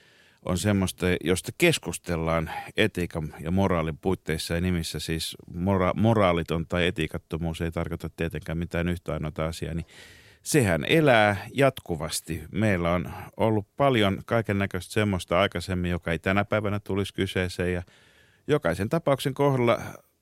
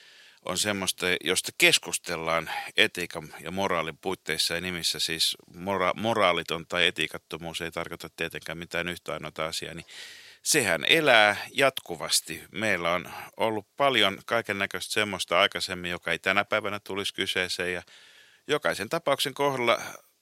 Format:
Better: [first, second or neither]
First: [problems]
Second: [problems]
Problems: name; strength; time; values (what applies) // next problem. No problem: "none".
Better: first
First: none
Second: thin; somewhat; fading below 850 Hz